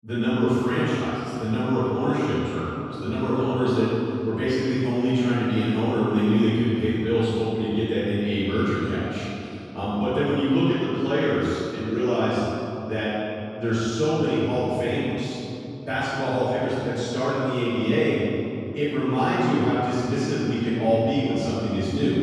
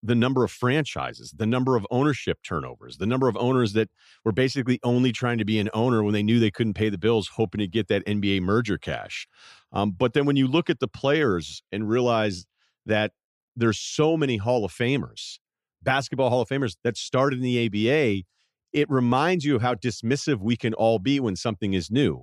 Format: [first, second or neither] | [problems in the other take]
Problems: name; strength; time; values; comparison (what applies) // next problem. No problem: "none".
second | room echo; strong; dies away in 2.5 s // off-mic speech; far